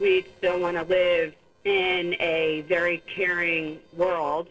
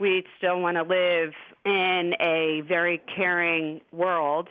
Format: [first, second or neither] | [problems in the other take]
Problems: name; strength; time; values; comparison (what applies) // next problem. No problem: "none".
second | noise reduction (neural separator model SepFormer DNS4)